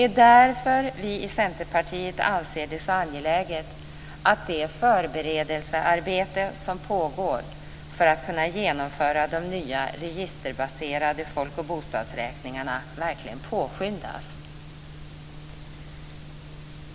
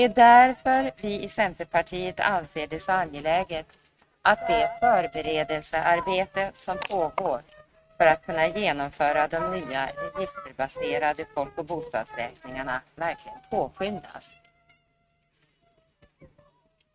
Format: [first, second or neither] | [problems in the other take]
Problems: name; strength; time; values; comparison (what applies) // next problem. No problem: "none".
first | noise reduction (neural mask model RNNoise)